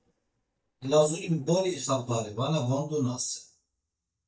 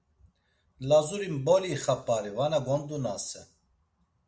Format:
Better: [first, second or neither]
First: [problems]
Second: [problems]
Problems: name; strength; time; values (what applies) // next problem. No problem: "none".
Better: second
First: noise reduction (neural mask model DeepFilterNet 3)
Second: none